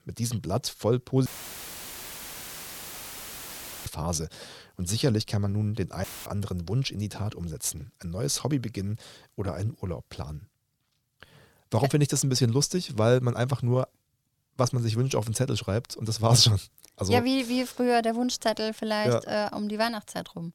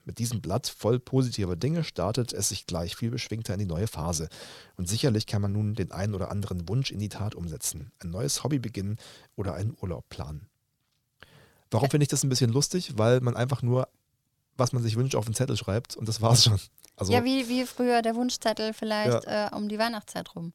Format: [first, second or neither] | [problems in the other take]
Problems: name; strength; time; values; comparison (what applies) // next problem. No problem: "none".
second | audio cutting out; filled with static; at 1.5 s for 2.5 s and at 6 s